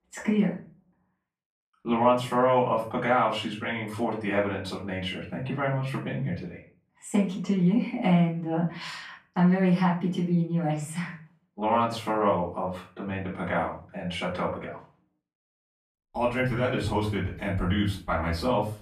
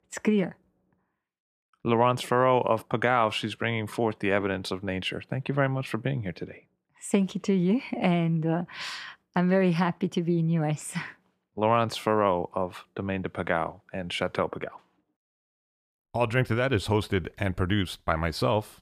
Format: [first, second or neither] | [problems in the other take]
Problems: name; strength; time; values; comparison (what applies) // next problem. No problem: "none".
second | room echo; slight; dies away in 0.3 s // off-mic speech; far